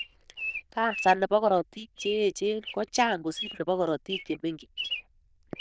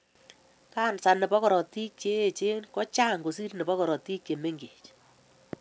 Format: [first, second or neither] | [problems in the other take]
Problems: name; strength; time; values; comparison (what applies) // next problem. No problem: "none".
second | noise reduction (neural diffusion model UNIVERSE++)